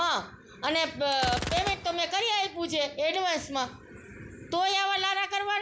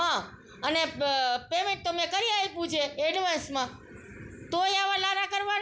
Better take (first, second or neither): second